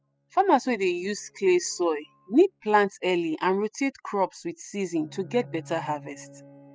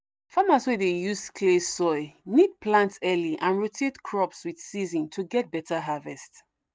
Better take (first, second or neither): second